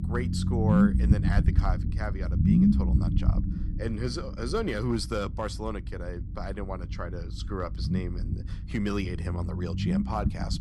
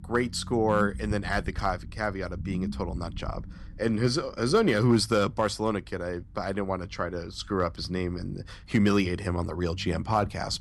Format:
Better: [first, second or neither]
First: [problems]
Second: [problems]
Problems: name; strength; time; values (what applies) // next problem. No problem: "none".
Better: second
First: low rumble; loud; throughout; 1 dB below the speech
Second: low rumble; faint; throughout; 20 dB below the speech